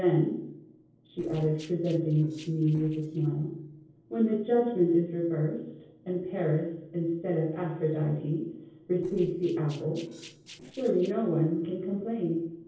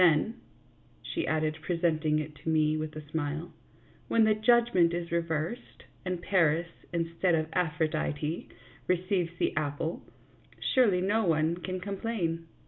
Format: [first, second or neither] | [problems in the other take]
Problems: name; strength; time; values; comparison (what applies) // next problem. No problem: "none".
second | noise reduction (neural separator model SepFormer DNS4)